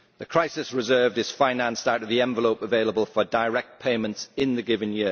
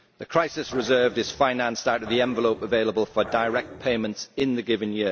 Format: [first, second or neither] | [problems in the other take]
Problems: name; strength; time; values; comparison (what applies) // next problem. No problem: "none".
first | background sound (Growling); 16 dB below the speech